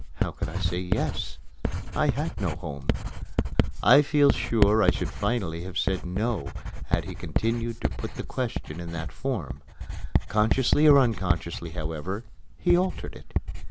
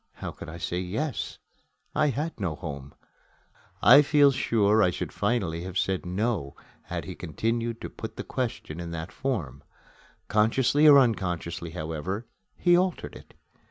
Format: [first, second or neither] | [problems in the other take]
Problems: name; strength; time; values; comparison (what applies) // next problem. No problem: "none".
second | background sound (Writing); 1 dB below the speech